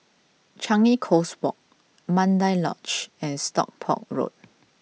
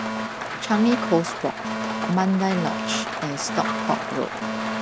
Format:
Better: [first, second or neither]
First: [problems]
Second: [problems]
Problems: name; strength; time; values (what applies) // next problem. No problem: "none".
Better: first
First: none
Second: background sound (Rain + Alarm); 3 dB below the speech